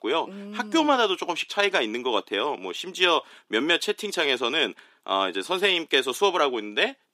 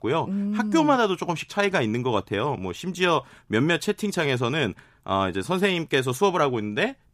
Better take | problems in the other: second | thin; somewhat; fading below 300 Hz

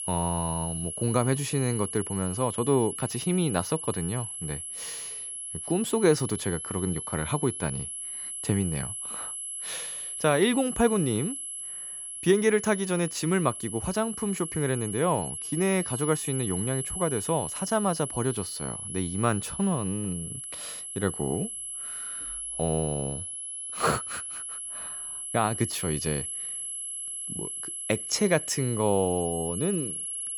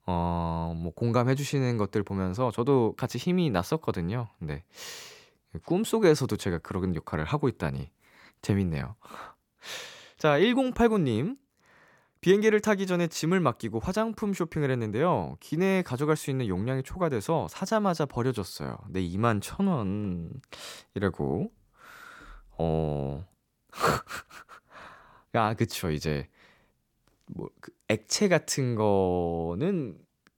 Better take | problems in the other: second | high-pitched whine; loud; throughout; 11 kHz, 5 dB below the speech

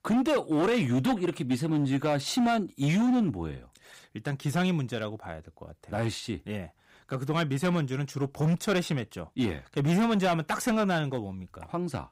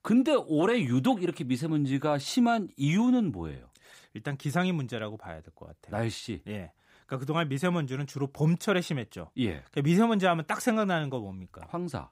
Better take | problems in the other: second | distortion; slight; 9% of the sound clipped

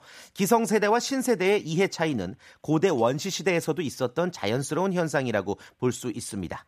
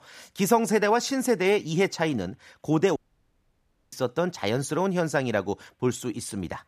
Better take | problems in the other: first | audio cutting out; at 3 s for 1 s

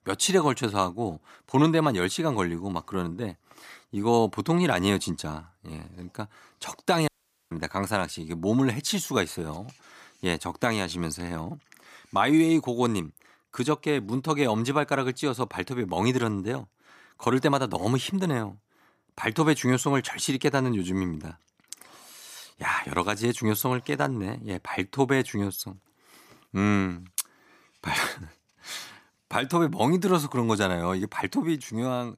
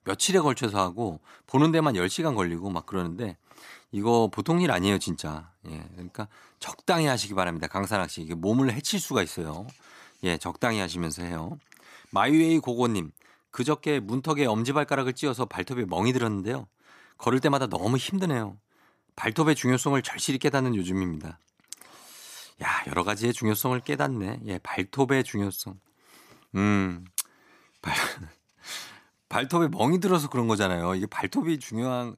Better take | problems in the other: second | audio cutting out; at 7 s

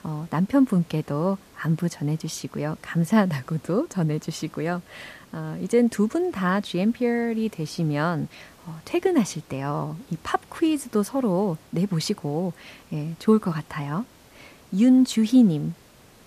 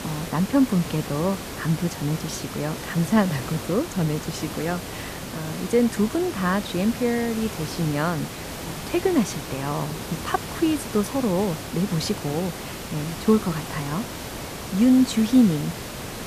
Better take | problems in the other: first | hiss; loud; throughout; 9 dB below the speech; faint in the first

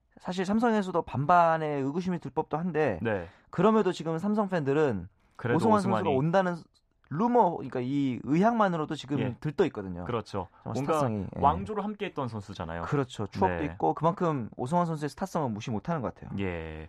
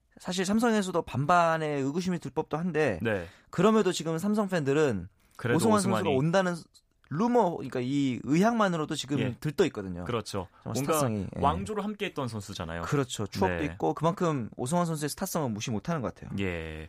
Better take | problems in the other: second | muffled; slightly; fading above 2 kHz

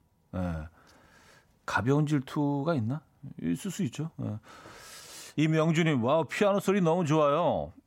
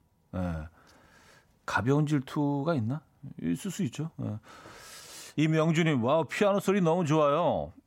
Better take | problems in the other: neither | none

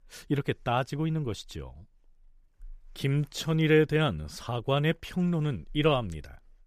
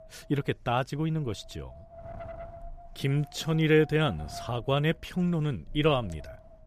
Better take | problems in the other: first | wind noise on the microphone; occasional gusts; 15 dB below the speech

